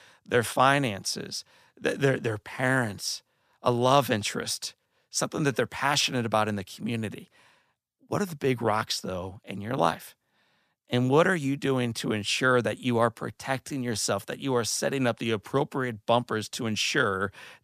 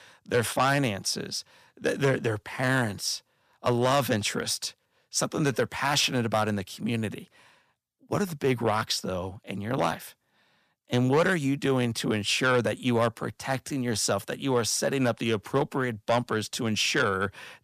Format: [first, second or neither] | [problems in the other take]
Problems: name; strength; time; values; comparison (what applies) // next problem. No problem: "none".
first | distortion; slight; 10 dB below the speech